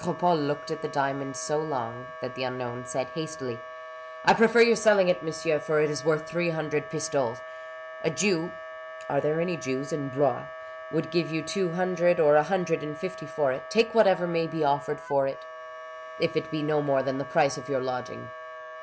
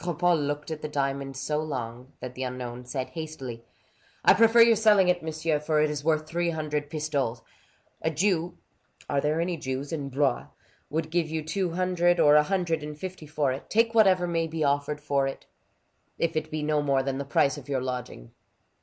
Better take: second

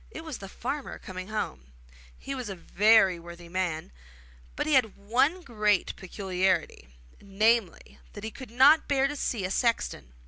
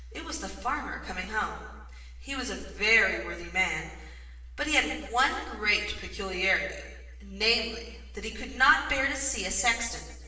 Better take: first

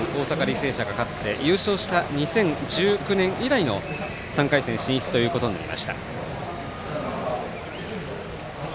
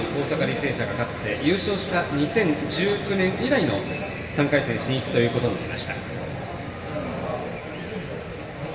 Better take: first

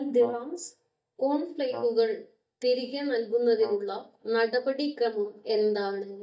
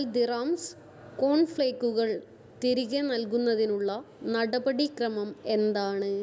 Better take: second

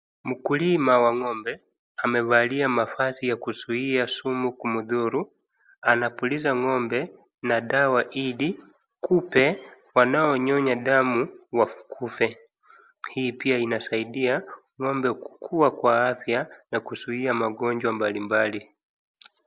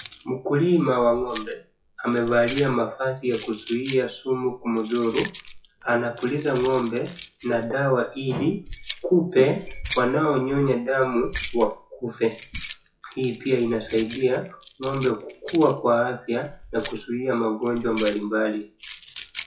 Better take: first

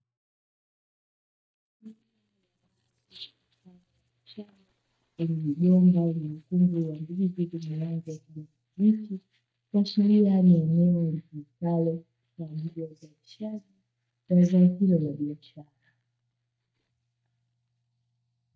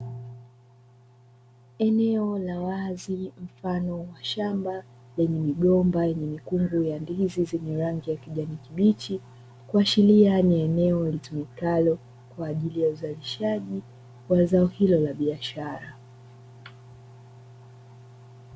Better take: second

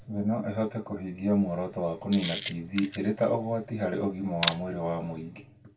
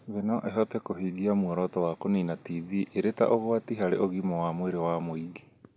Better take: second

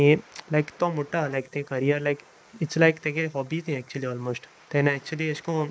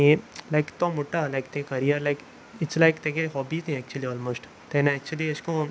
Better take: second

